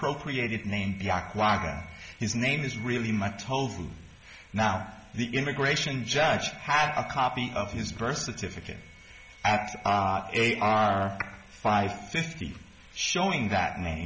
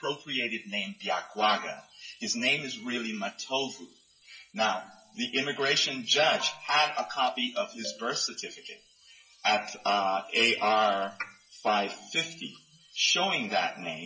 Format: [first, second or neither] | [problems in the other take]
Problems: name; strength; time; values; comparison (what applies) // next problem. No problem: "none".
first | noise reduction (classical method WPE with log-MMSE)